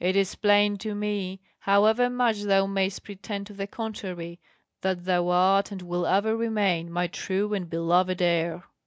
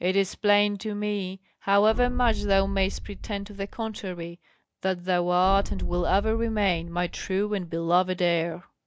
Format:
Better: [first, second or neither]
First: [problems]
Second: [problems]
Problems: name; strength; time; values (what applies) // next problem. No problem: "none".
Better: first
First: none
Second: background sound (Boom); 5 dB below the speech